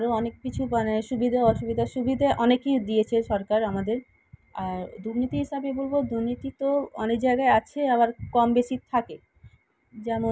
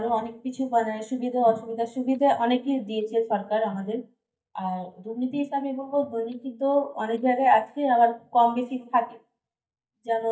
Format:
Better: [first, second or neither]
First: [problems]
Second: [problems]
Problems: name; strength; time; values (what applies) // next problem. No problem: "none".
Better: first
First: none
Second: noise reduction (neural mask model DeepFilterNet 3)